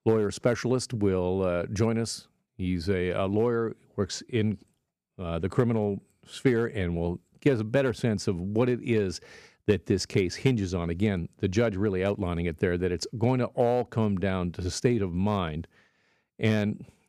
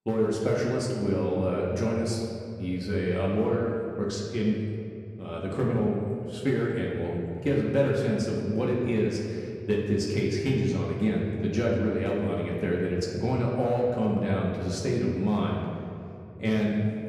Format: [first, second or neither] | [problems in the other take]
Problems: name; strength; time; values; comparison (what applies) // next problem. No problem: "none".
first | off-mic speech; far // room echo; noticeable; dies away in 2.2 s